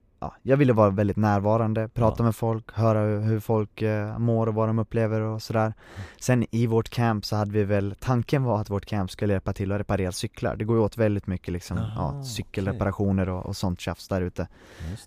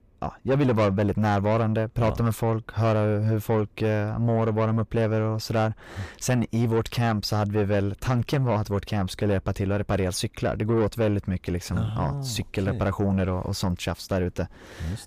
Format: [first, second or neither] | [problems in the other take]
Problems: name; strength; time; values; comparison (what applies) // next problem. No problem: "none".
first | distortion; slight; 10 dB below the speech